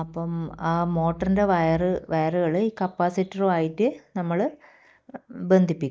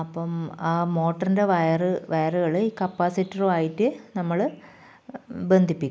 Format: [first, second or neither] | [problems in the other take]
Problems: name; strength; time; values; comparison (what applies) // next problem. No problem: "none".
second | noise reduction (neural mask model DeepFilterNet 3)